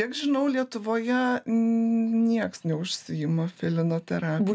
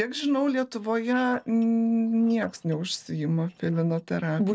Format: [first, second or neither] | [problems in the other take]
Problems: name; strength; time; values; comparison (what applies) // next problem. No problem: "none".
first | noise reduction (neural separator model SepFormer DNS4)